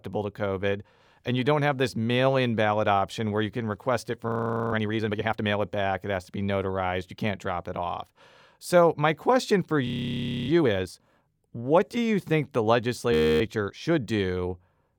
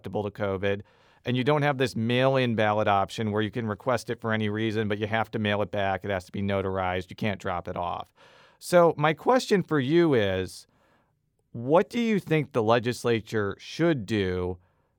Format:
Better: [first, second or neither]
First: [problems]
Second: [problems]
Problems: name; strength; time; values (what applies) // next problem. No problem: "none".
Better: second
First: audio freezing; at 4.5 s, at 10 s for 0.5 s and at 13 s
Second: none